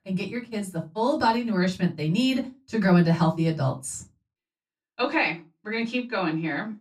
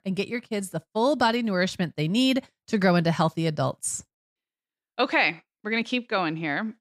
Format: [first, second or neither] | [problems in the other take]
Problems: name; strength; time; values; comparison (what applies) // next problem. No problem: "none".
second | off-mic speech; far // room echo; very slight; dies away in 0.2 s